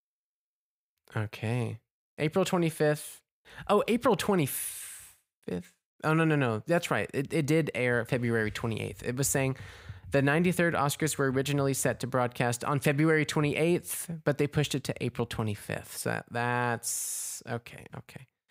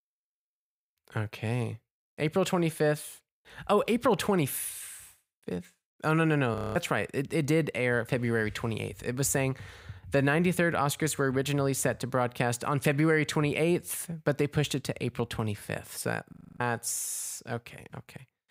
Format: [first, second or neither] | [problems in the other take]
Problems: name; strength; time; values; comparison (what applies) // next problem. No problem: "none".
first | audio freezing; at 6.5 s and at 16 s